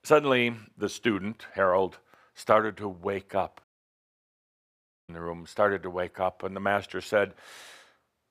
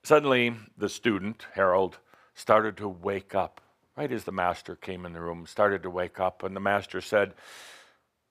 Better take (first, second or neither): second